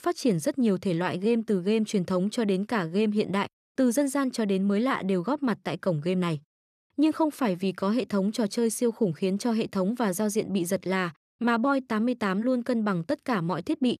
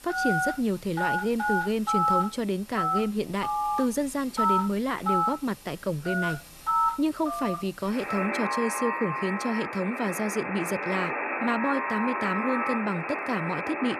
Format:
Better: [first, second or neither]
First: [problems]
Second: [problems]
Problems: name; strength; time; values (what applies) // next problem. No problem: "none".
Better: first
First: none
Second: alarms or sirens; very loud; throughout; as loud as the speech